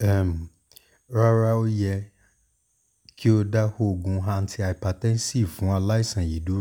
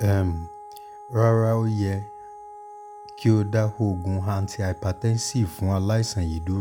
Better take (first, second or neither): first